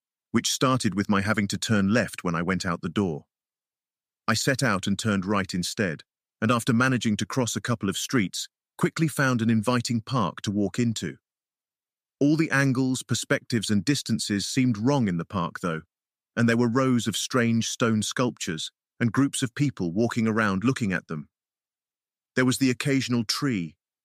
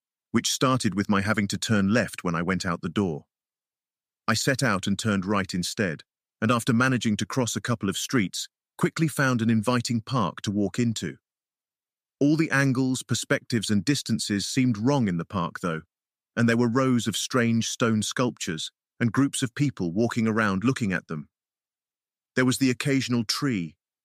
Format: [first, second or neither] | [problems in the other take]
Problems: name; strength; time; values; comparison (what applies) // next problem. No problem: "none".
neither | none